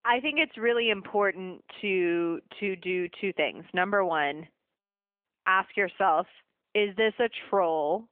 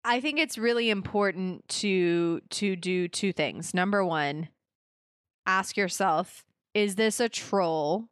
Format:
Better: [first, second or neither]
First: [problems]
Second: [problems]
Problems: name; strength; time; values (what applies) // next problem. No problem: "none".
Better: second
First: phone-call audio; nothing above 3 kHz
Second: none